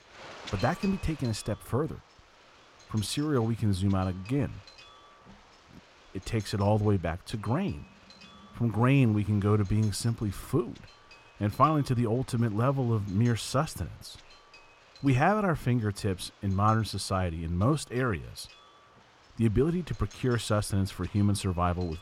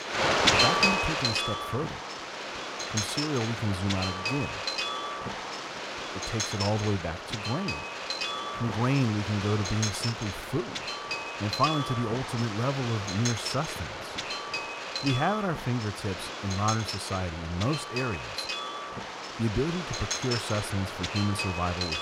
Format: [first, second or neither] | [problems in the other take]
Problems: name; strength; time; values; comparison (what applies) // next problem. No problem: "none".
first | wind noise on the microphone; heavy; 4 dB above the speech; occasional gusts in the first